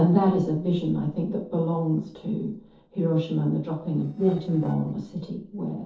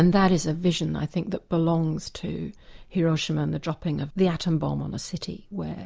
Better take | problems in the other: second | noise reduction (neural separator model SepFormer DNS4)

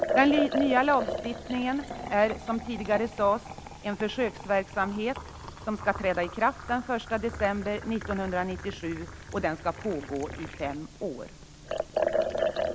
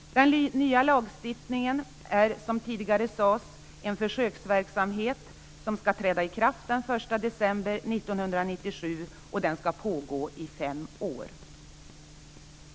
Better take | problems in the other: second | background sound (Liquid); 6 dB below the speech

